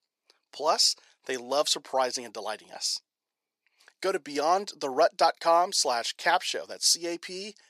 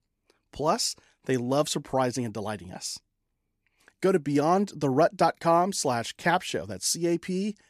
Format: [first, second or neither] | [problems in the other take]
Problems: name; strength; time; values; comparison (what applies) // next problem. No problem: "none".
second | thin; very; fading below 600 Hz